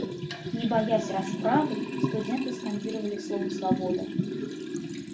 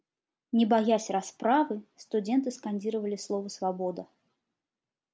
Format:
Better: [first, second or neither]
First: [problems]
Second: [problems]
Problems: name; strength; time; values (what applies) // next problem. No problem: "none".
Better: second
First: background sound (Liquid); 1 dB below the speech // room echo; dies away in 0.2 s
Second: none